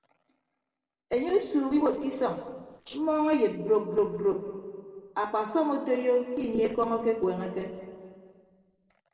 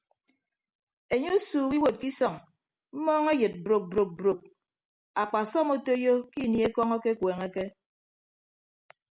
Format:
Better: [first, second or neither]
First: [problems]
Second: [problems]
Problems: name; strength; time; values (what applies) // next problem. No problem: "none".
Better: second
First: noise reduction (neural separator model SepFormer DNS4)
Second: none